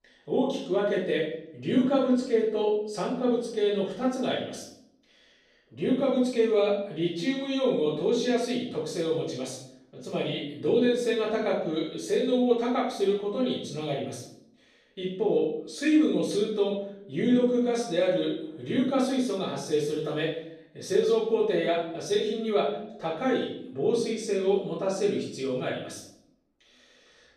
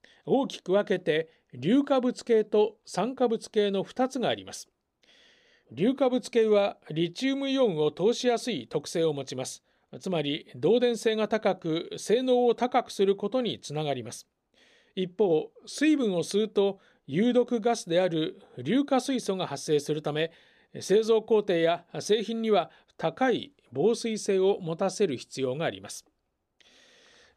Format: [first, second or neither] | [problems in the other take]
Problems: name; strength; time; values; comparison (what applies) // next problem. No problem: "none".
second | room echo; noticeable; dies away in 0.6 s // off-mic speech; far